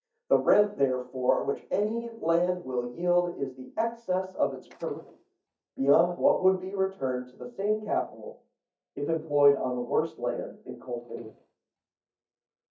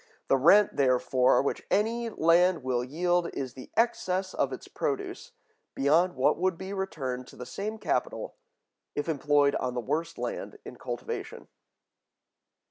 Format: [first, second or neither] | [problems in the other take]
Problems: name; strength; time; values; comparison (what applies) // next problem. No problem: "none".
second | noise reduction (neural mask model DeepFilterNet 3)